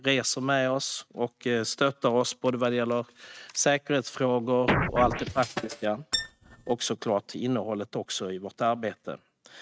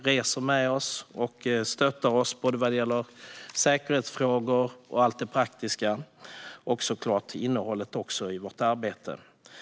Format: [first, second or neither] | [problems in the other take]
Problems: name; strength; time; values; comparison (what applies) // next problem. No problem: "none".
second | noise reduction (neural mask model RNNoise)